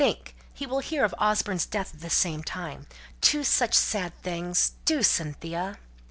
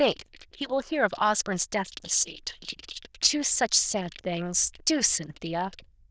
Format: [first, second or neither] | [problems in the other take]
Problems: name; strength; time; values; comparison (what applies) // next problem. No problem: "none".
first | noise reduction (neural diffusion model UNIVERSE++)